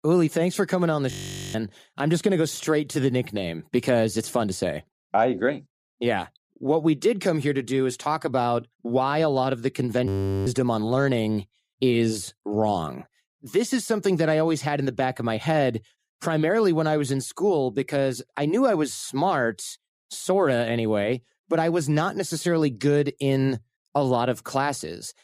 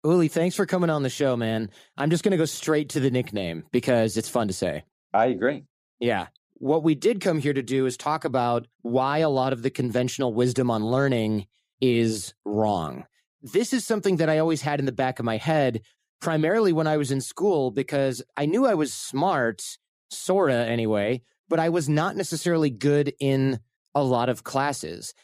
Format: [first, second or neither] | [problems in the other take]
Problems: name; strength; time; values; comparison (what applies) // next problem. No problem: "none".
second | audio freezing; at 1 s and at 10 s